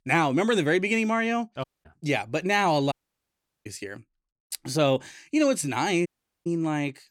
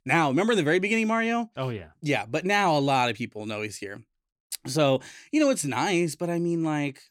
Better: second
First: audio cutting out; at 1.5 s, at 3 s for 0.5 s and at 6 s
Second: none

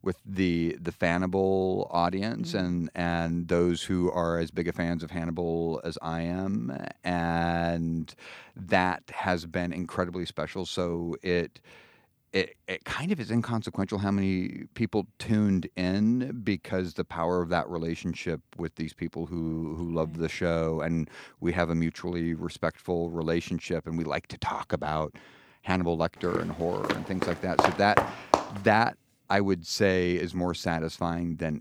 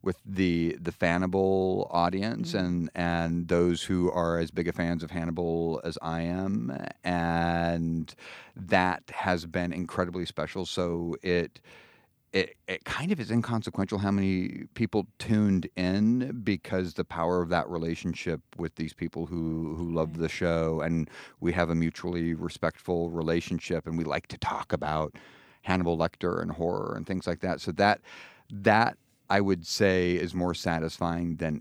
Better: second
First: footsteps; loud; from 26 to 28 s; peak 4 dB above the speech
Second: none

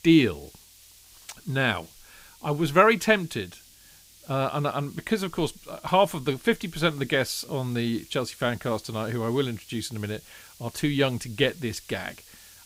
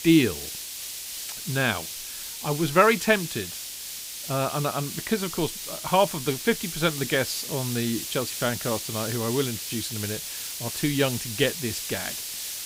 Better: first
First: hiss; faint; throughout; 25 dB below the speech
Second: hiss; loud; throughout; 6 dB below the speech

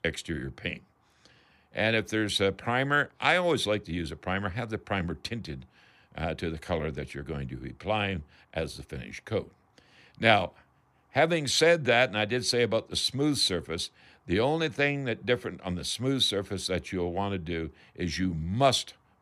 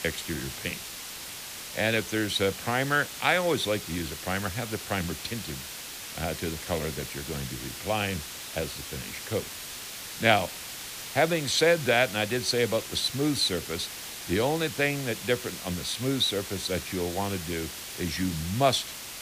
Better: first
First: none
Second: hiss; loud; throughout; 8 dB below the speech

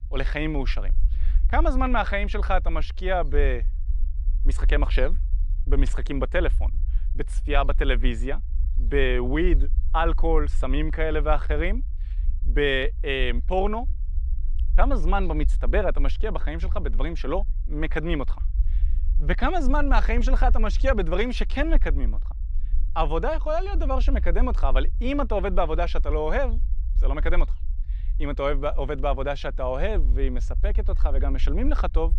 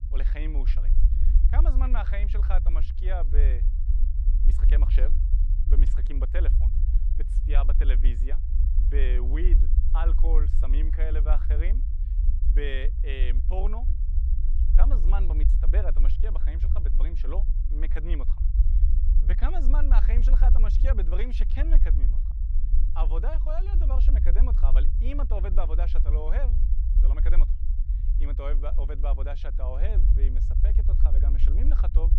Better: first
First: low rumble; faint; throughout; 25 dB below the speech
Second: low rumble; loud; throughout; 8 dB below the speech

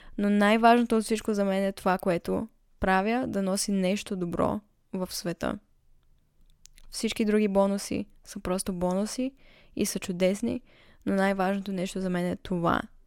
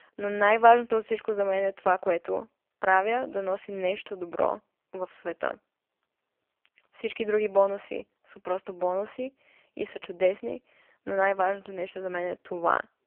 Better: first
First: none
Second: phone-call audio; poor line; nothing above 3 kHz

